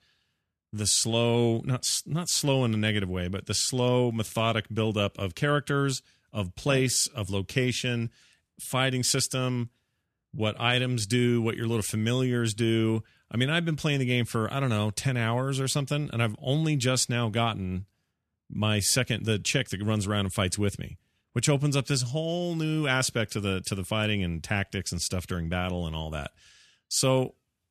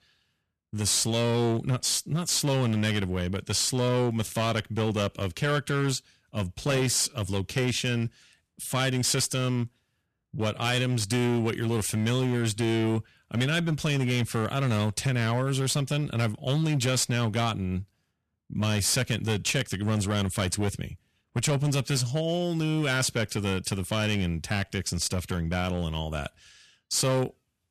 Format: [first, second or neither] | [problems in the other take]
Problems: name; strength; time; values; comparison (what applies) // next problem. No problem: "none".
first | distortion; slight; 11% of the sound clipped